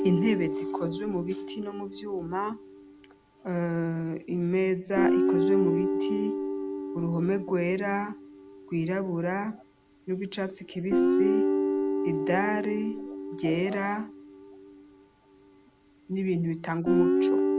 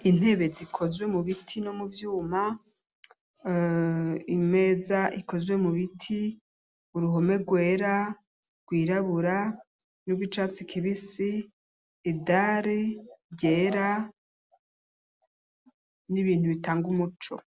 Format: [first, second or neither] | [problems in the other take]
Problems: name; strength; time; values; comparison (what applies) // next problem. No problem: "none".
second | background sound (Guitar); 1 dB above the speech